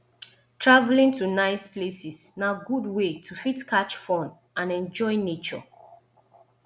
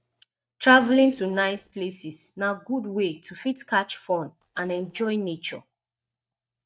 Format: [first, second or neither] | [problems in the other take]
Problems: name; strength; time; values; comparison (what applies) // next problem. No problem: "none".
first | noise reduction (neural mask model DeepFilterNet 3)